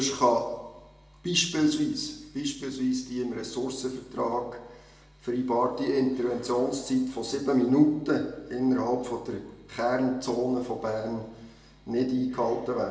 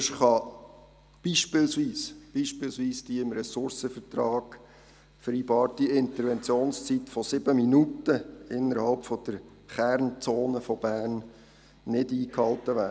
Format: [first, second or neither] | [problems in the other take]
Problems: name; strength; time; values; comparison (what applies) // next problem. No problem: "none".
second | room echo; dies away in 0.7 s